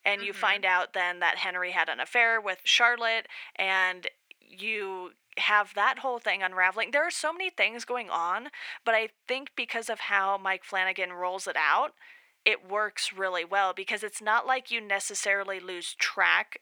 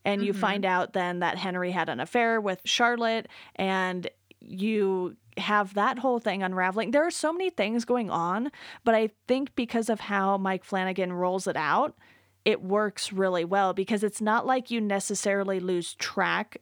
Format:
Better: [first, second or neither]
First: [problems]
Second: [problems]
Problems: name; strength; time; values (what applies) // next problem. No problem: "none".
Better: second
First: thin; very; fading below 650 Hz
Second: none